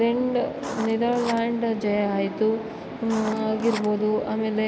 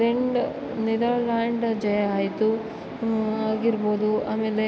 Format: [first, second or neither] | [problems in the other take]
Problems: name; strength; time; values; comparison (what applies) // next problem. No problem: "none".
second | background sound (Writing); 13 dB below the speech